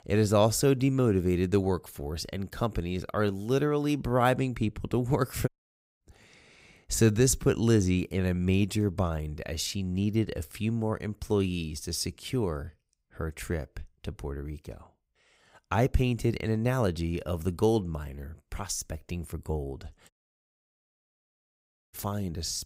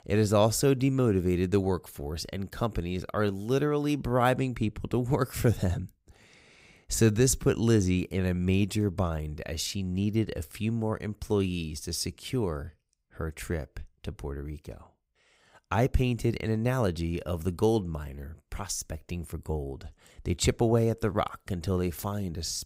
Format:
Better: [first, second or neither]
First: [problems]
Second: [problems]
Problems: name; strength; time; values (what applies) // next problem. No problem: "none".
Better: second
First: audio cutting out; at 5.5 s for 0.5 s and at 20 s for 2 s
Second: none